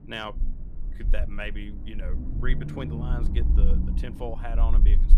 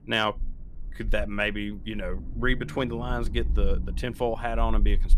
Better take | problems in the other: second | low rumble; loud; throughout; 7 dB below the speech; faint in the second

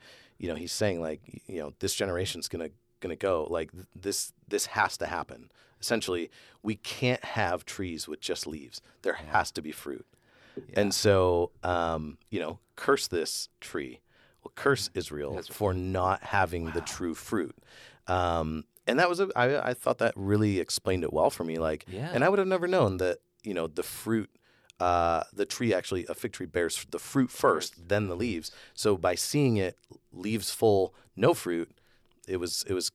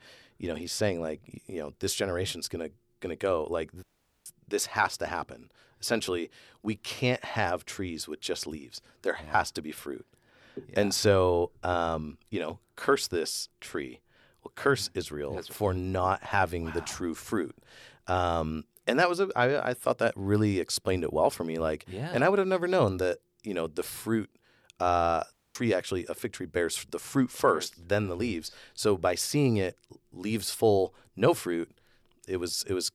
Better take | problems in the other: first | audio cutting out; at 4 s and at 25 s

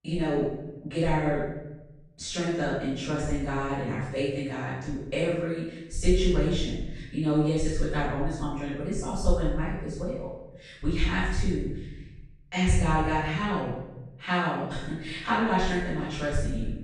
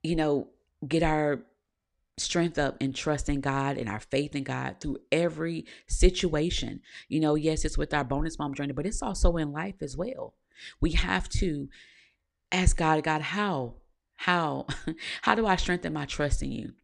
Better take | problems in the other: second | off-mic speech; far // room echo; strong; dies away in 1 s

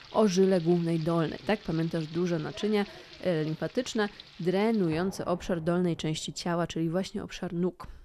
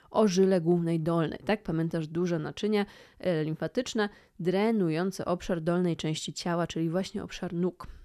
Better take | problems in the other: second | household noises; noticeable; throughout; 20 dB below the speech

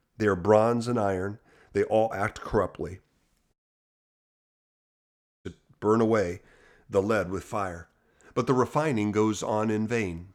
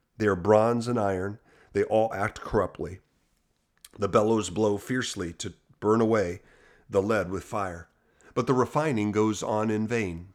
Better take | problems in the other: second | audio cutting out; at 3.5 s for 2 s

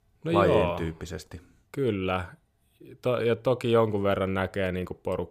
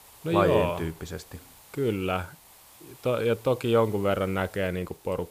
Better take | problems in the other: first | hiss; faint; throughout; 25 dB below the speech

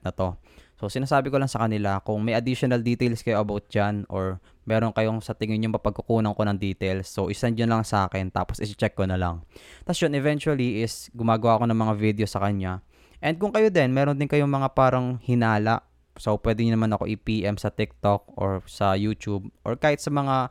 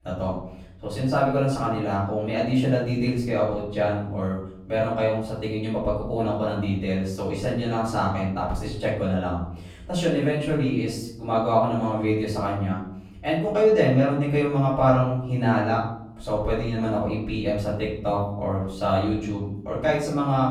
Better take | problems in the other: first | room echo; noticeable; dies away in 0.7 s // off-mic speech; far

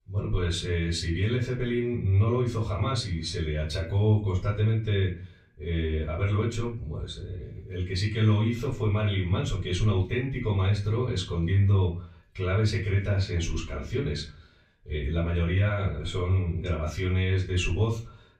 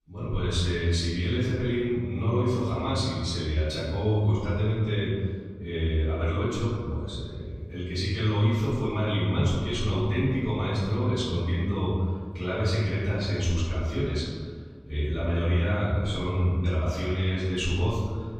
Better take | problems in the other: first | room echo; strong; dies away in 1.6 s; slight in the first // off-mic speech; far; far in the first

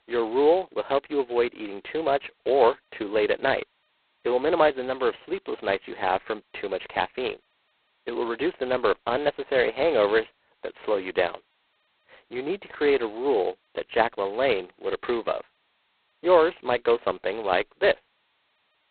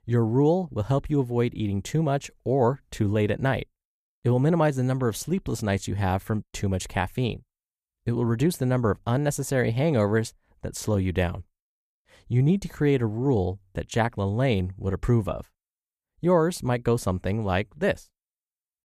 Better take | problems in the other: second | phone-call audio; poor line; nothing above 4 kHz

